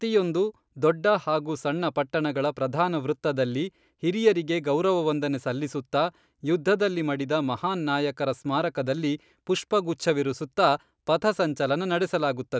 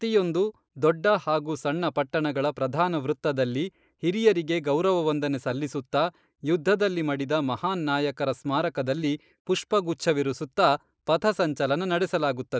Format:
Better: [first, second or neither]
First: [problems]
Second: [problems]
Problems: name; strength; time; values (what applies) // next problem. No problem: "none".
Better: first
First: none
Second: noise reduction (neural mask model Resemble Enhance denoiser)